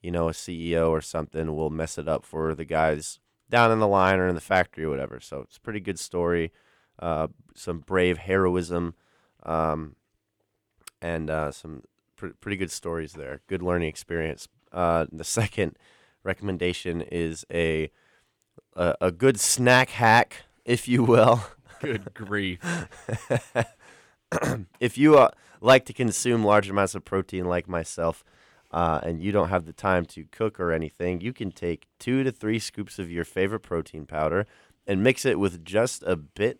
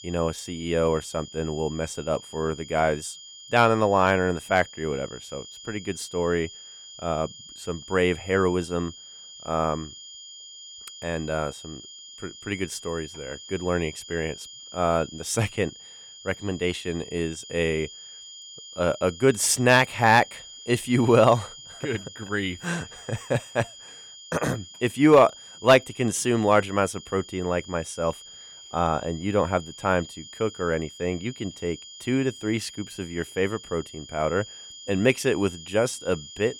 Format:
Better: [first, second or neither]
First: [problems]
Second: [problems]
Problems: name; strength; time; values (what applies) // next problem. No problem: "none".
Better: first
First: none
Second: high-pitched whine; noticeable; throughout; 3 kHz, 15 dB below the speech